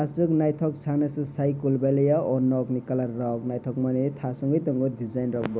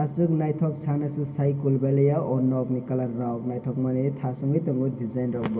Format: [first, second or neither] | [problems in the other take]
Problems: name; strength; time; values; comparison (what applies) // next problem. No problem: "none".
first | room echo; dies away in 1.5 s